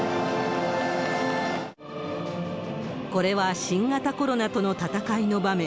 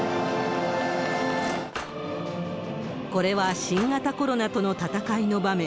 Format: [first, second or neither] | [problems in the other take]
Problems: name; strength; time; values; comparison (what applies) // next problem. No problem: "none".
first | background sound (Cutlery, silverware / Drawer open or close); 13 dB below the speech